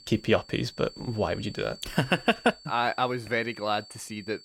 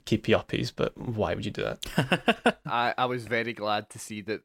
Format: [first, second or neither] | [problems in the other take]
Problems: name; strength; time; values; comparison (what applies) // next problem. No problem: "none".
second | high-pitched whine; noticeable; throughout; 4.5 kHz, 20 dB below the speech